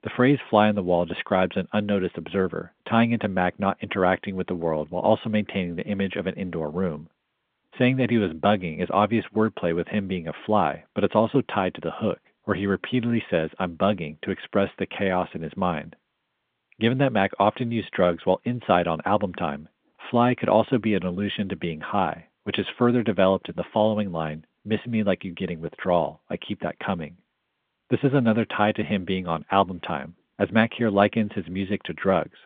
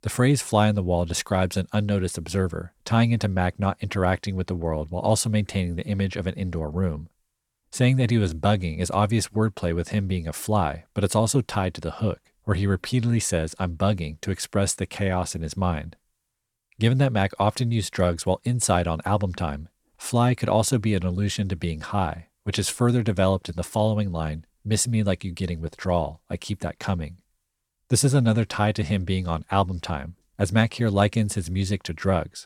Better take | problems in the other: second | phone-call audio; nothing above 3 kHz

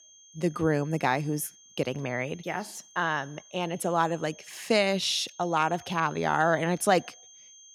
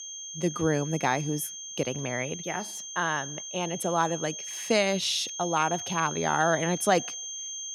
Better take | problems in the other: first | high-pitched whine; loud; throughout; 6.5 kHz, 7 dB below the speech; faint in the first

